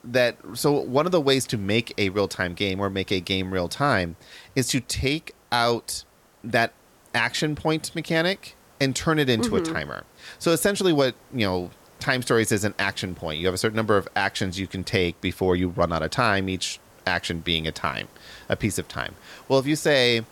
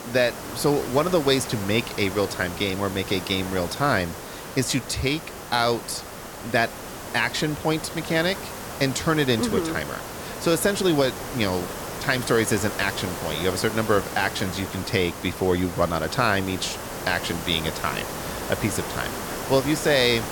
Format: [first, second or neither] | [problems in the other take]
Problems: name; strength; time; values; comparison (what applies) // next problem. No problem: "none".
first | hiss; loud; throughout; 9 dB below the speech; faint in the first